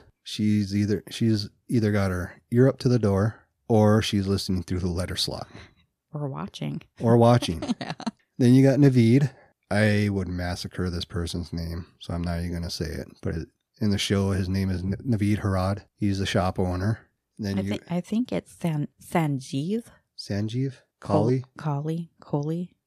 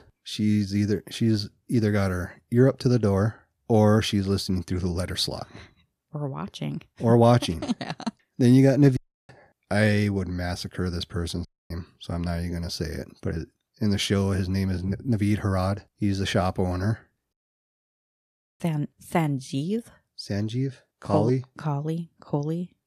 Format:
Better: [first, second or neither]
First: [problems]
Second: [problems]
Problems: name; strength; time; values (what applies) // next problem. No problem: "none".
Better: first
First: none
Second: audio cutting out; at 9 s, at 11 s and at 17 s for 1.5 s